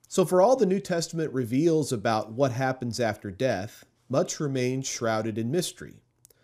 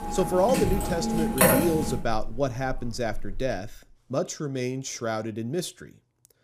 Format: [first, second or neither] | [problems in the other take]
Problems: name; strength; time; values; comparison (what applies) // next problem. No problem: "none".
first | machinery noise; very loud; until 3.5 s; 3 dB above the speech